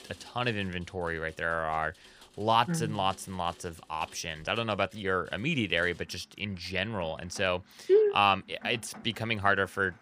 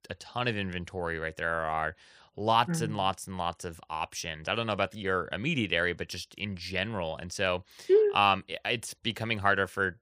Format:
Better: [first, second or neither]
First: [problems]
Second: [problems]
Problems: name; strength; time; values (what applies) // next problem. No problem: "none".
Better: second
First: rain or running water; faint; throughout; 25 dB below the speech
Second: none